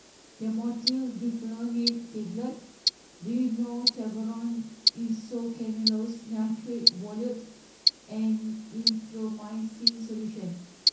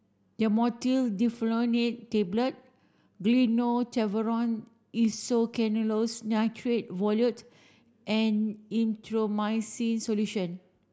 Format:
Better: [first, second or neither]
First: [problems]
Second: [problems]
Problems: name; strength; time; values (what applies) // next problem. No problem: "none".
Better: second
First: background sound (Tick-tock); as loud as the speech // room echo; dies away in 0.6 s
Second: none